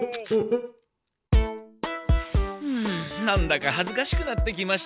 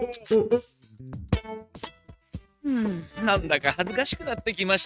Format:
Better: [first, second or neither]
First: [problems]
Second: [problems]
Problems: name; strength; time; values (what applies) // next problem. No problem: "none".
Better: first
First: none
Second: noise reduction (neural mask model RNNoise)